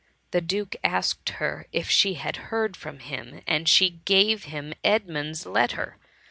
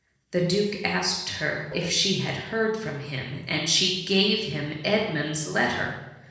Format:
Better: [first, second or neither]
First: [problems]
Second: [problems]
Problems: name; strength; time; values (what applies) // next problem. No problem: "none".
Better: first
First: none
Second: noise reduction (neural separator model SepFormer DNS4)